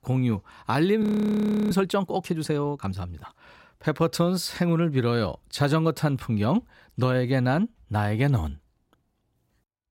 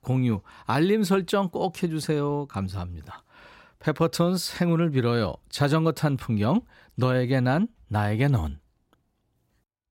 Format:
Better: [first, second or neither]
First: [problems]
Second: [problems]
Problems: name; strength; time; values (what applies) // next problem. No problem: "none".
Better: second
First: audio freezing; at 1 s for 0.5 s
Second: none